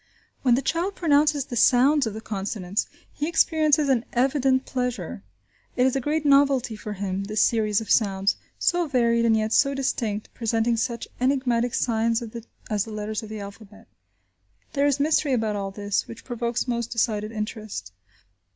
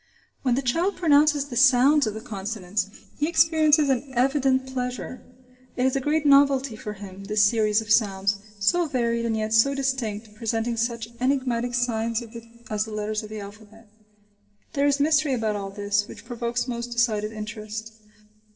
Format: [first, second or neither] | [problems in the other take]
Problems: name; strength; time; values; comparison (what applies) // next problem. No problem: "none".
first | noise reduction (neural separator model SepFormer DNS4)